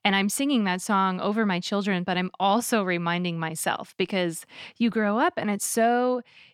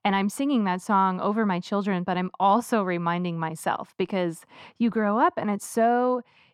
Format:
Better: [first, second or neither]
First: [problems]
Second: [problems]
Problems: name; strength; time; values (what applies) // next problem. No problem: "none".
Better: first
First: none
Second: muffled; slightly; fading above 1.5 kHz